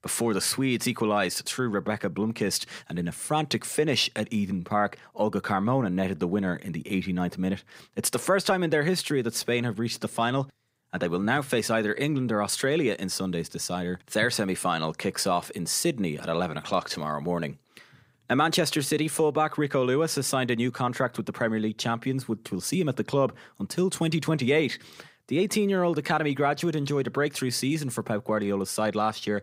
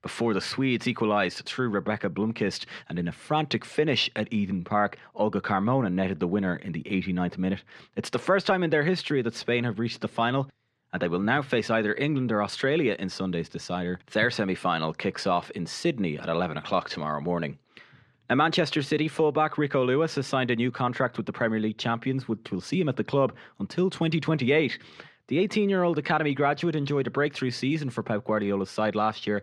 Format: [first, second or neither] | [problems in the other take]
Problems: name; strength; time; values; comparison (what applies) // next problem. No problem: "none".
first | muffled; very slightly; fading above 3 kHz